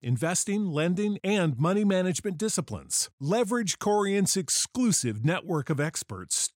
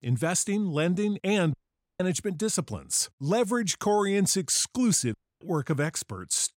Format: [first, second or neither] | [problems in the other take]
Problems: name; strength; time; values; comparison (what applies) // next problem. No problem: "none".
first | audio cutting out; at 1.5 s and at 5 s